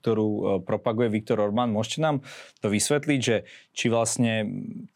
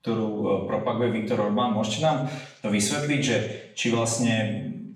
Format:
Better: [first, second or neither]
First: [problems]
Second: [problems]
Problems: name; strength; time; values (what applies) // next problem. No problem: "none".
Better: first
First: none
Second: room echo; noticeable; dies away in 0.6 s // off-mic speech; far